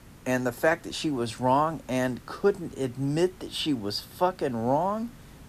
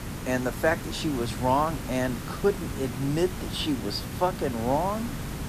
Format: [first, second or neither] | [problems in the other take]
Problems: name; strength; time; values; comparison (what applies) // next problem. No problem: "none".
first | hiss; loud; throughout; 7 dB below the speech; faint in the first